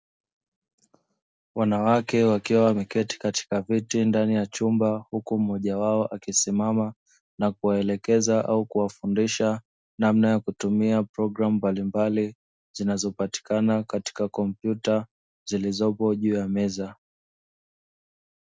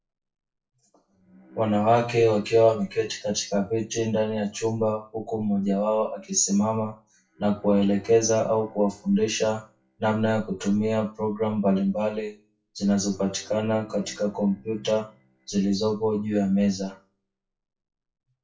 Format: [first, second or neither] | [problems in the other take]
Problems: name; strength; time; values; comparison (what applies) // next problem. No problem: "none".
first | noise reduction (classical method WPE with log-MMSE)